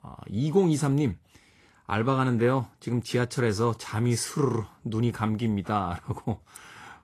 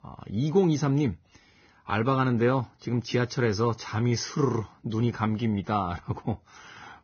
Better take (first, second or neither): first